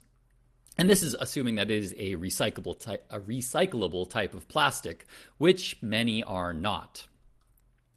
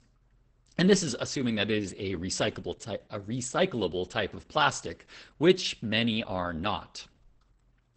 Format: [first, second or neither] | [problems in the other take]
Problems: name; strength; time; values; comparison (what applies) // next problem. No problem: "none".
first | garbled, watery; badly; nothing above 8 kHz; slightly in the first